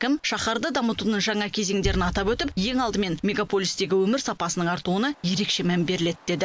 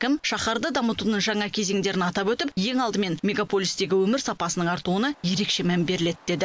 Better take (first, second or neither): second